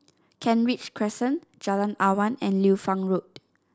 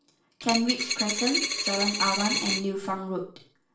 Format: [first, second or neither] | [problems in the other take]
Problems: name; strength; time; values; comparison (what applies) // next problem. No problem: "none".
first | background sound (Coin (dropping)); 1 dB above the speech // room echo; dies away in 0.4 s